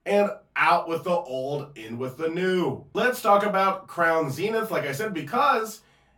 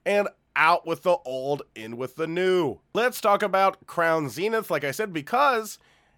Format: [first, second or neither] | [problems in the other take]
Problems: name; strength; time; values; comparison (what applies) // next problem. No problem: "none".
second | off-mic speech; far // room echo; very slight; dies away in 0.2 s